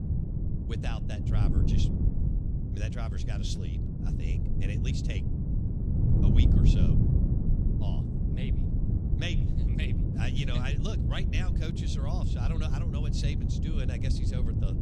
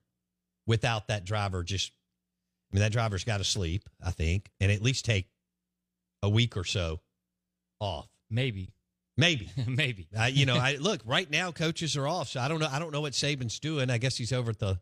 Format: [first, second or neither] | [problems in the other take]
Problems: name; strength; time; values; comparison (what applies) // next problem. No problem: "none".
second | wind noise on the microphone; heavy; as loud as the speech